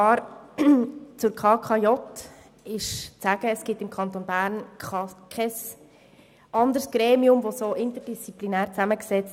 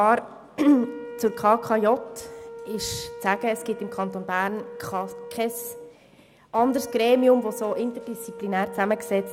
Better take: first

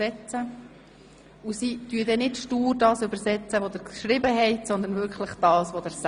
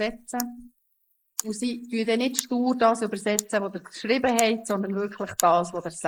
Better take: first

